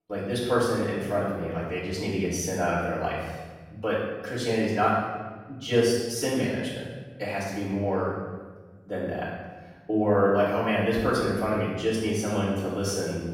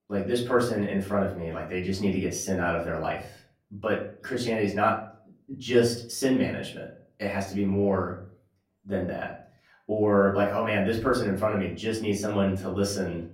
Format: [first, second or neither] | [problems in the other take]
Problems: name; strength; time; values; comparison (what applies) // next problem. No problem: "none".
second | room echo; strong; dies away in 1.2 s; slight in the second // off-mic speech; far; far in the second